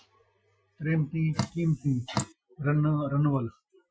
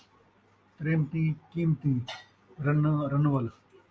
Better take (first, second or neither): second